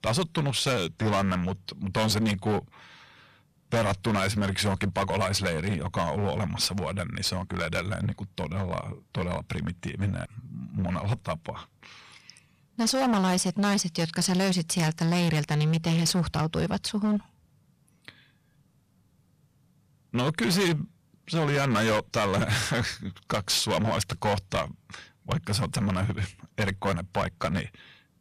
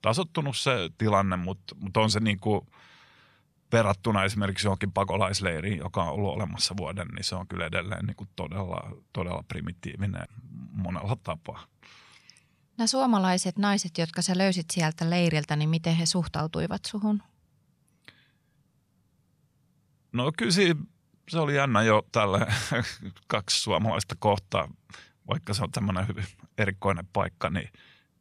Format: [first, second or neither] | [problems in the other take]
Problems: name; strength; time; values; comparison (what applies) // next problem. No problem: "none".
second | distortion; heavy; 13% of the sound clipped